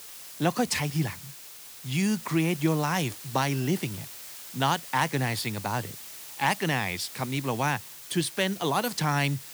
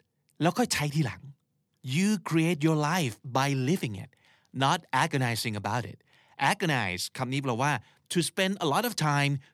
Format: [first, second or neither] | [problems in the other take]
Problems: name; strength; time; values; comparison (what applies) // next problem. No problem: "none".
second | hiss; noticeable; throughout; 10 dB below the speech